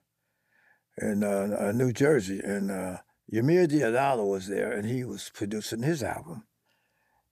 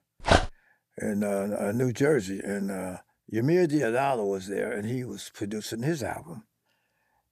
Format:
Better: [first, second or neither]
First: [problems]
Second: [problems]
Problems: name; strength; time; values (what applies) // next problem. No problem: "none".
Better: first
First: none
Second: dog barking; loud; at 0.5 s; peak 5 dB above the speech